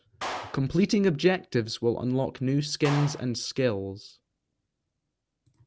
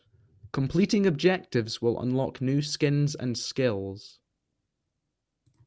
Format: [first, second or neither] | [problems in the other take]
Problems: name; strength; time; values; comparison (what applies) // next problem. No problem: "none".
second | background sound (Clapping); 14 dB below the speech